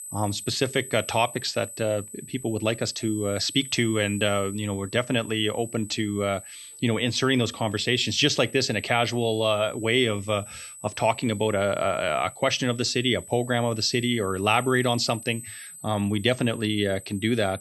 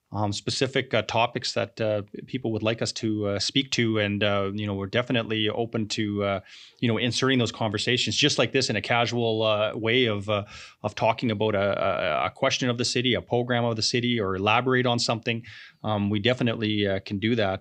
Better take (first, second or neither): second